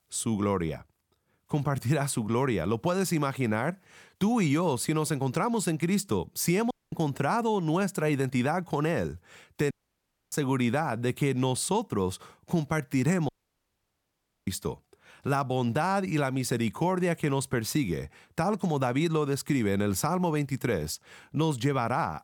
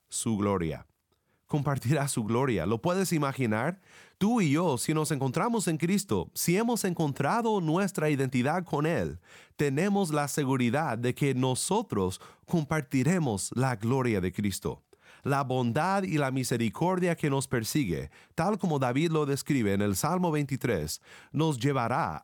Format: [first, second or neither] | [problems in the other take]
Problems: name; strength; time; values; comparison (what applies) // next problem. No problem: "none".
second | audio cutting out; at 6.5 s, at 9.5 s for 0.5 s and at 13 s for 1 s